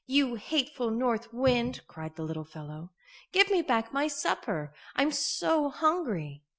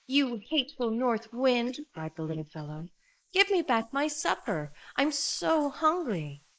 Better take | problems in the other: first | noise reduction (neural mask model Resemble Enhance denoiser)

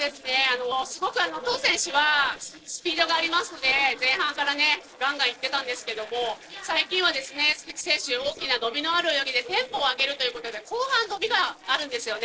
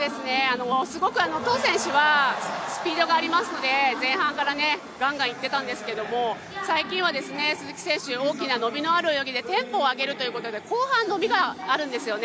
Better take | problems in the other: second | noise reduction (neural separator model SepFormer DNS4)

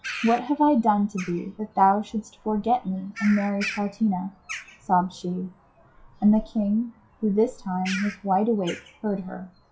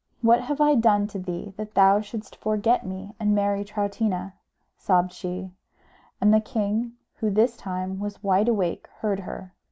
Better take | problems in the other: second | noise reduction (classical method WPE with log-MMSE)

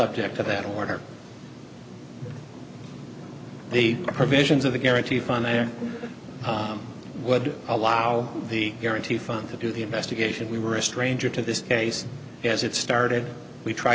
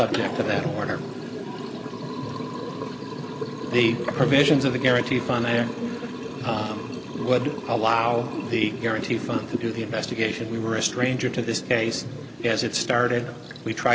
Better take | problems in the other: first | background sound (Liquid); 8 dB below the speech

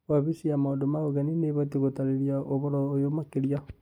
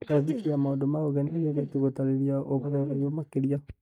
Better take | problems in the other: first | noise reduction (neural mask model DeepFilterNet 3)

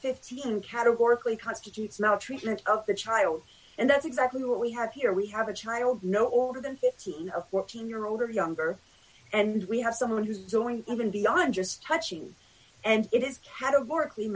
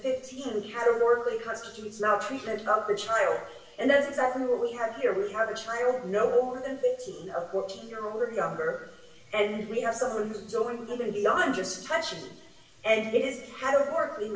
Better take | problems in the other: first | room echo; dies away in 1 s

